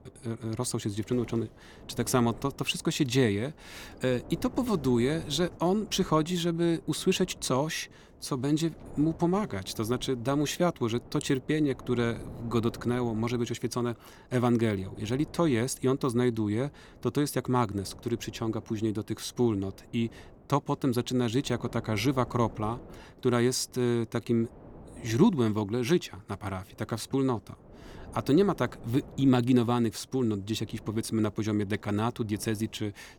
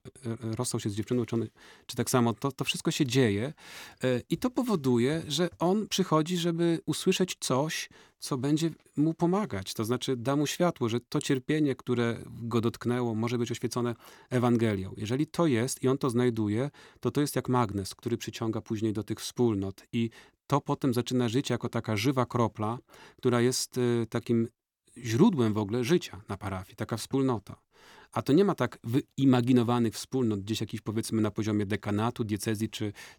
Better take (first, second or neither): second